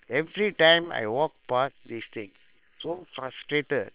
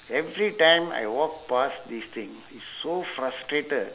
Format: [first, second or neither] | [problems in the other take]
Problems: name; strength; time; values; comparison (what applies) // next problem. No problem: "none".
second | noise reduction (neural separator model SepFormer WHAM!)